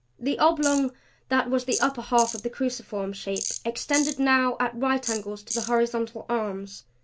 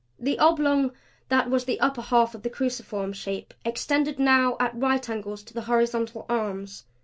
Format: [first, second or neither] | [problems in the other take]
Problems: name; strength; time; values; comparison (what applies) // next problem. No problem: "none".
second | background sound (Tools); 11 dB below the speech